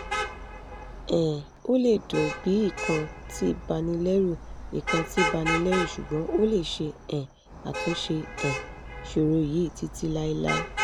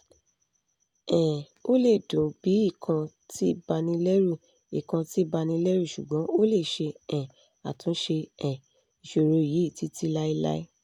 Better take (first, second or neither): second